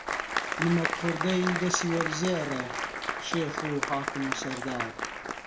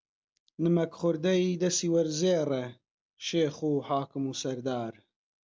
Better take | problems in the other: second | background sound (Applause); 2 dB below the speech // room echo; dies away in 0.5 s

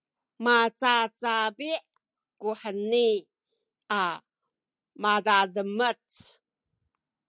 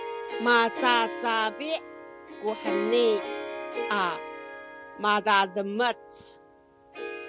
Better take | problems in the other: first | background sound (Harp); 8 dB below the speech

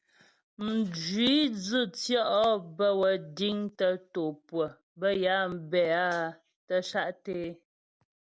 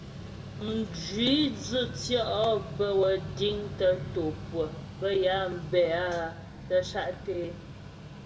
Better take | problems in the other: first | background sound (Mechanical fan); 11 dB below the speech // room echo; dies away in 0.7 s

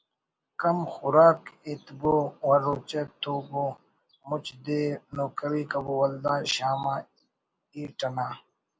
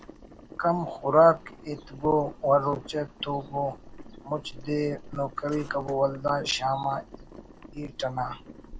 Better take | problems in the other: first | background sound (Boiling); 18 dB below the speech

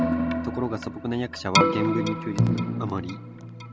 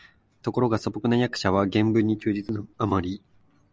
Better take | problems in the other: second | background sound (Keyboard (musical)); 4 dB above the speech

